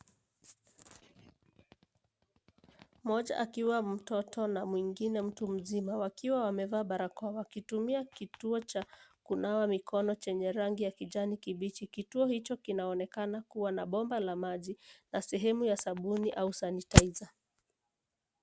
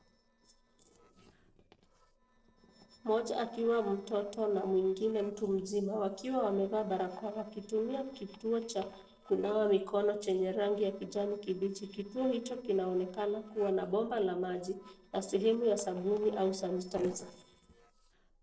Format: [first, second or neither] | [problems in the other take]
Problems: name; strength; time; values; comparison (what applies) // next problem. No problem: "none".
first | noise reduction (neural separator model SepFormer DNS4)